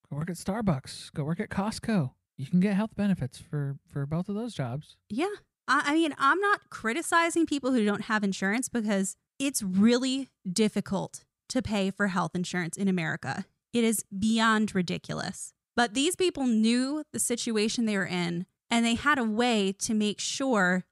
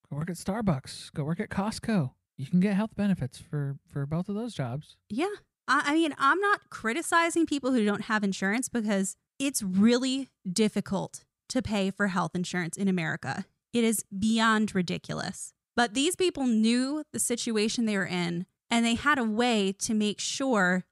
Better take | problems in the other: neither | none

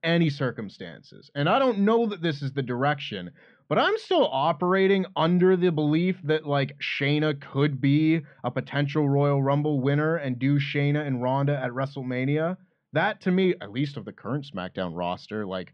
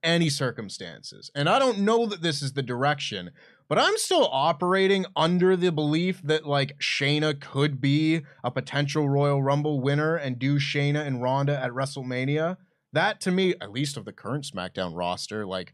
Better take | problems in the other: second | muffled; slightly; fading above 3 kHz

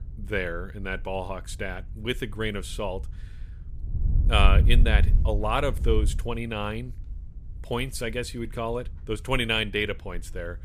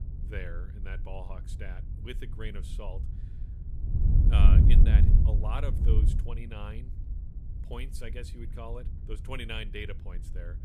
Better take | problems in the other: first | wind noise on the microphone; heavy; as loud as the speech; occasional gusts in the first

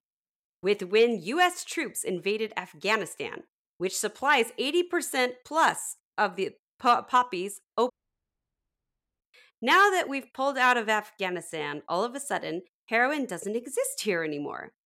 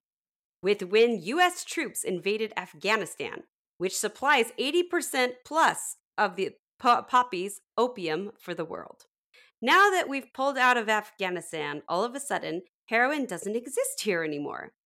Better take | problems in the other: second | audio cutting out; at 8 s for 1.5 s

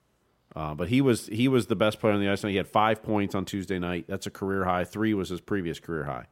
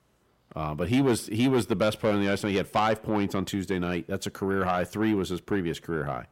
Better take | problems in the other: first | distortion; slight; 10 dB below the speech

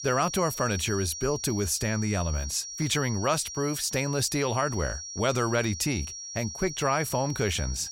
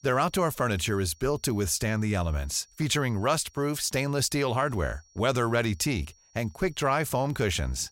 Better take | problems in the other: second | high-pitched whine; loud; throughout; 5.5 kHz, 8 dB below the speech; faint in the second

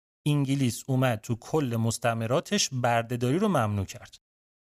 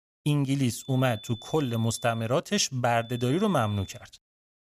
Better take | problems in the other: first | high-pitched whine; noticeable; from 1 to 2 s and at 3 s; 3.5 kHz, 20 dB below the speech

